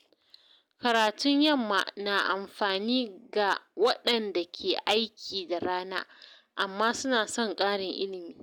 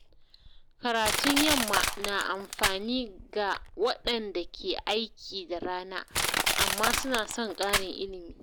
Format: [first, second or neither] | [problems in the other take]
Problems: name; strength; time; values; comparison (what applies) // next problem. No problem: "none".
first | background sound (Crushing); 1 dB below the speech